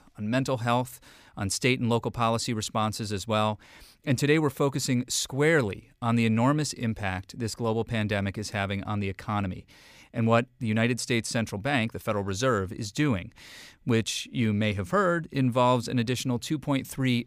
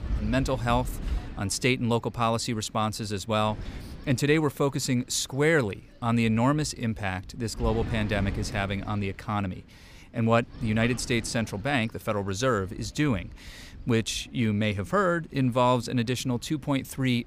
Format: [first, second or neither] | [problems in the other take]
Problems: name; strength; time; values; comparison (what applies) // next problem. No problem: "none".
first | wind noise on the microphone; occasional gusts; 20 dB below the speech